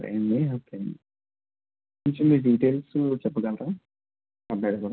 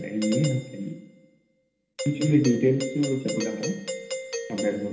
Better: first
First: none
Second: background sound (Doorbell); 8 dB below the speech // room echo; dies away in 0.8 s

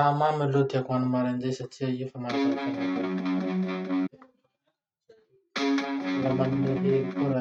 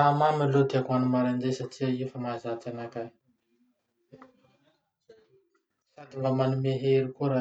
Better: second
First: noise reduction (neural mask model RNNoise)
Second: none

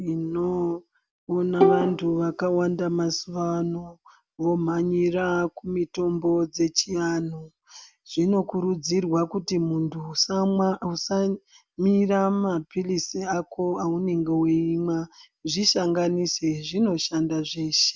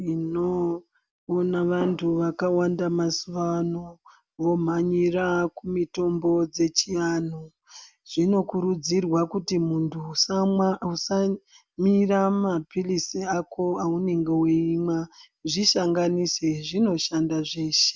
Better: second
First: background sound (Bowed string instrument); as loud as the speech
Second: none

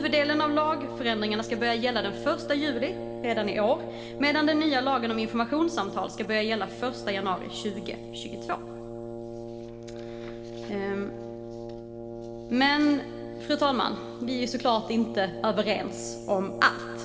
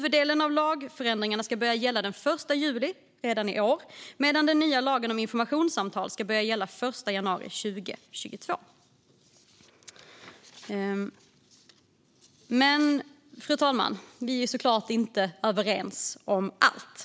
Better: second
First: background sound (Brass instrument); 9 dB below the speech // room echo; dies away in 2.9 s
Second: none

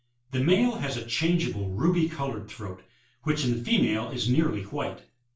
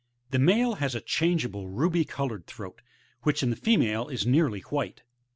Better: second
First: room echo; dies away in 0.3 s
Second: none

